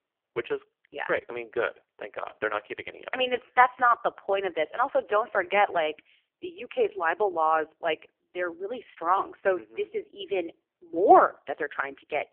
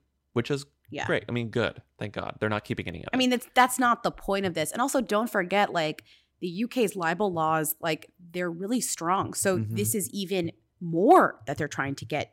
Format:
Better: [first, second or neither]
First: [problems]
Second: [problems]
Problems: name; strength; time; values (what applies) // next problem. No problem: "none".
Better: second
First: phone-call audio; poor line; nothing above 3 kHz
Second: none